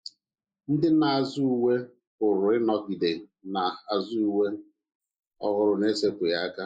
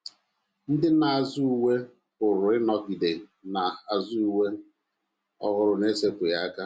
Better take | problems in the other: second | noise reduction (neural mask model Resemble Enhance denoiser)

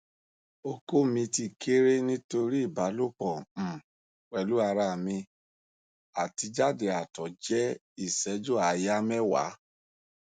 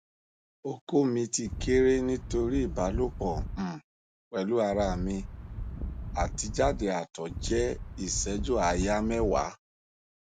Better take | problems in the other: first | background sound (Wind); 5 dB below the speech

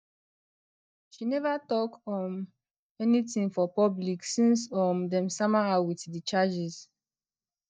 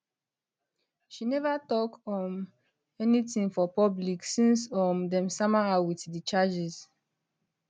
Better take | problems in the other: second | noise reduction (neural mask model DeepFilterNet 3)

